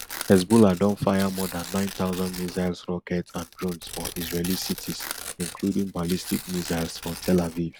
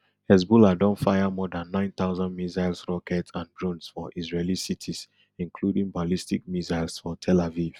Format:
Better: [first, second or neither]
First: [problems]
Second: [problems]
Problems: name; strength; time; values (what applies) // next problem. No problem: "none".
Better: second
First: background sound (Tearing); 12 dB below the speech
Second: none